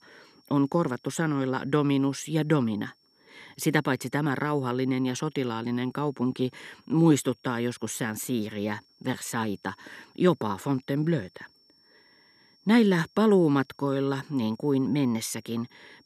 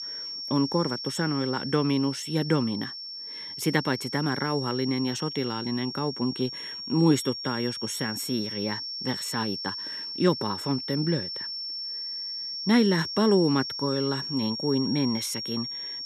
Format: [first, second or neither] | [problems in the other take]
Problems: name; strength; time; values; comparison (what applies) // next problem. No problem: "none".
first | high-pitched whine; loud; throughout; 5.5 kHz, 5 dB below the speech; faint in the first